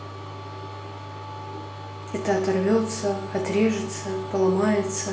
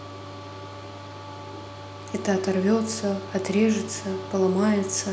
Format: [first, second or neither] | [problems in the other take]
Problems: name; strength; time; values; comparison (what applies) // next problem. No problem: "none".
second | room echo; dies away in 0.5 s